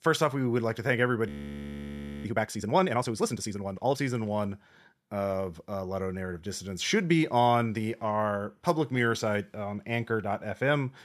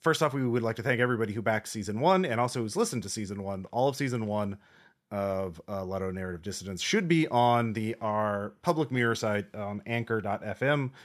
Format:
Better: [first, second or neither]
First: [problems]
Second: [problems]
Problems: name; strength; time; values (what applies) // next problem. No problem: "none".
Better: second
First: audio freezing; at 1.5 s for 1 s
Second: none